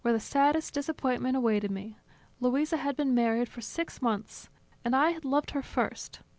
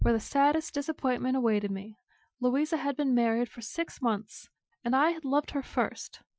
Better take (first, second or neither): first